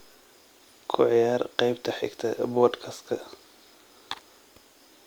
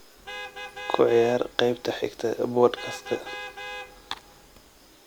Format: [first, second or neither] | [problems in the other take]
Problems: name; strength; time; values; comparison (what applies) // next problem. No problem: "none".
first | background sound (Vehicle horn, car horn, honking); 13 dB below the speech